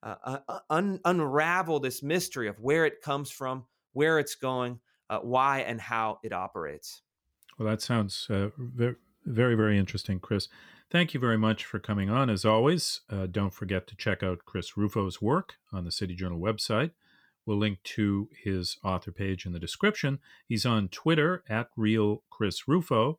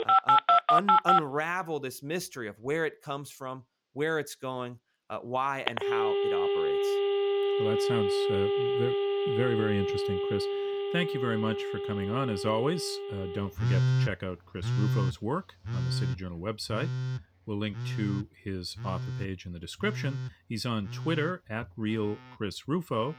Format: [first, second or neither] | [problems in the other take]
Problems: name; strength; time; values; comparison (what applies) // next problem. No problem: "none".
first | alarms or sirens; very loud; throughout; 5 dB above the speech